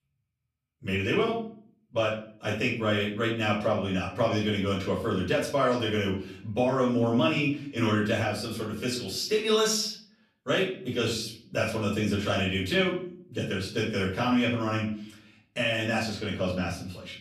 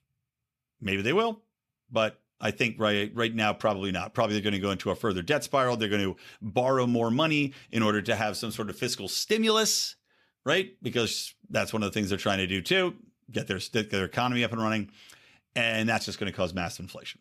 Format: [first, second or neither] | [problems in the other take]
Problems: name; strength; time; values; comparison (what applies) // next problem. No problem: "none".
second | off-mic speech; far // room echo; slight; dies away in 0.5 s